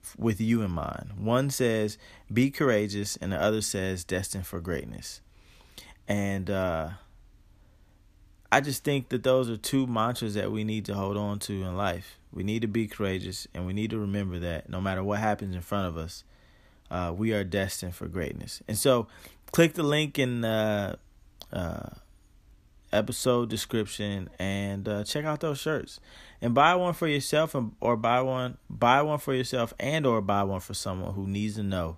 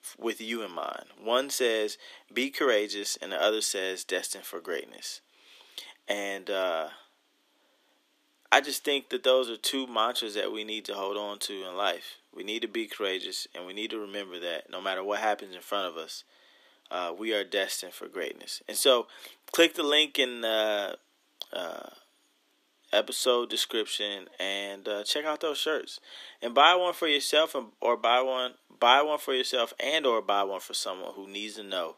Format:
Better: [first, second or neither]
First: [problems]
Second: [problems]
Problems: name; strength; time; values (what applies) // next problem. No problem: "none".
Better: first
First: none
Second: thin; somewhat; fading below 300 Hz